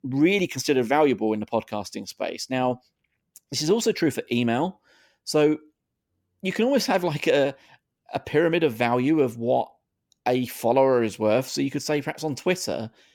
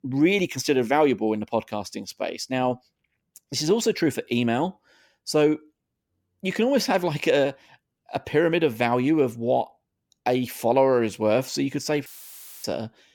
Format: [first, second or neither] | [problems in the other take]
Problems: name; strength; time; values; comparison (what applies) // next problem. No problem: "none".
first | audio cutting out; filled with static; at 12 s for 0.5 s